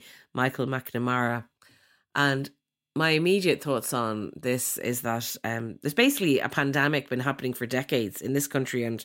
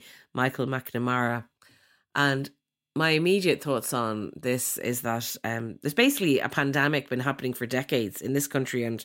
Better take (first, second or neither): neither